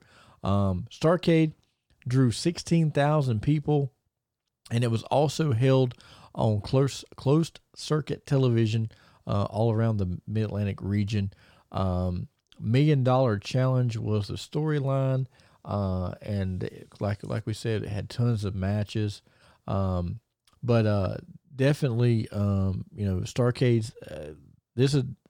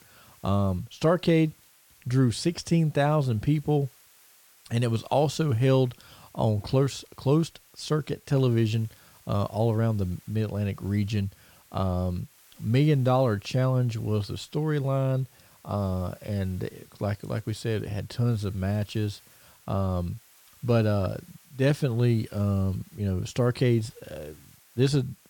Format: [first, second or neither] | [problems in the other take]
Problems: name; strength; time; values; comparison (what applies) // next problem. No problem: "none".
first | hiss; faint; throughout; 30 dB below the speech